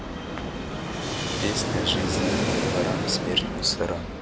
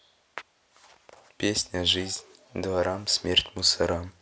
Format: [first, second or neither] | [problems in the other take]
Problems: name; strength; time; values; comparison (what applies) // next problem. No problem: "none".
second | background sound (Fixed-wing aircraft, airplane); 3 dB above the speech